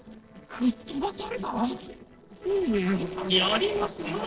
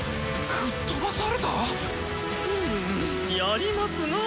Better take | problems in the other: second | noise reduction (neural separator model SepFormer DNS4)

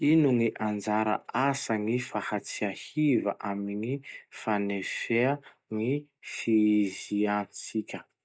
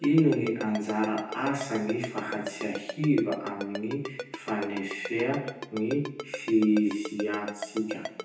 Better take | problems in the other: first | background sound (Ringtone); 11 dB below the speech // room echo; dies away in 0.9 s

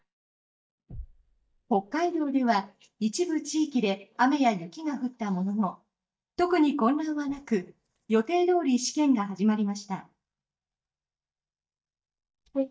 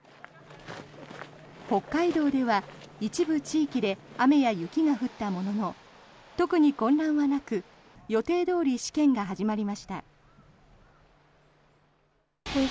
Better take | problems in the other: second | noise reduction (neural mask model DeepFilterNet 3)

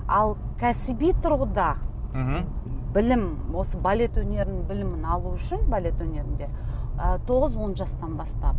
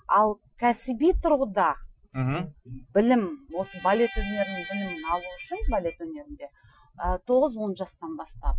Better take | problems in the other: first | noise reduction (classical method Wiener filter)

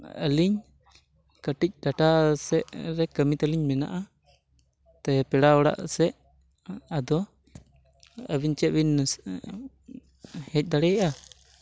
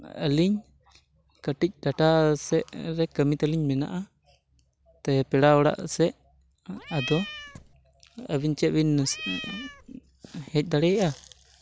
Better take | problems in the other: first | background sound (Cat); 11 dB below the speech

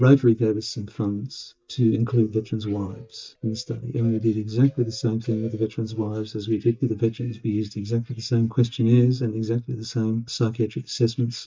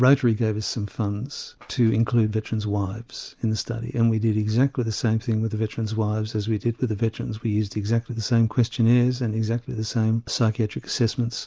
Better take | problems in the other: second | noise reduction (neural mask model DeepFilterNet 3)

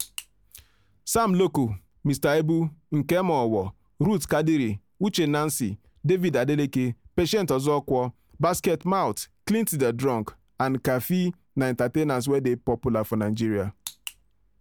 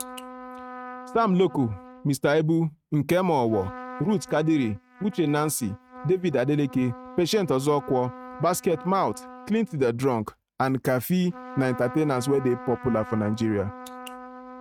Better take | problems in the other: first | noise reduction (neural mask model RNNoise)

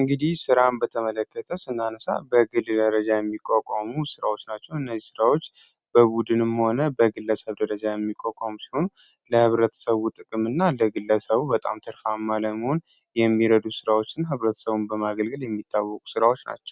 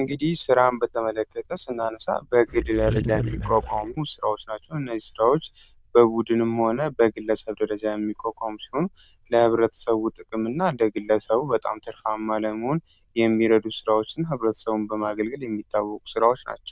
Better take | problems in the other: first | noise reduction (neural diffusion model UNIVERSE++)

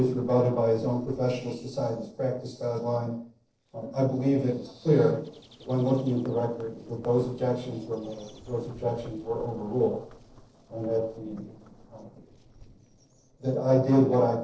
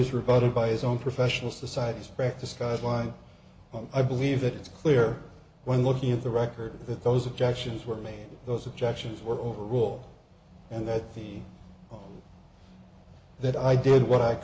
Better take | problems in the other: second | noise reduction (neural separator model SepFormer DNS4)

